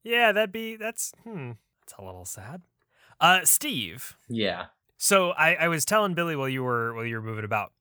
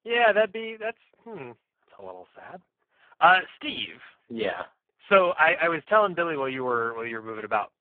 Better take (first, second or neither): first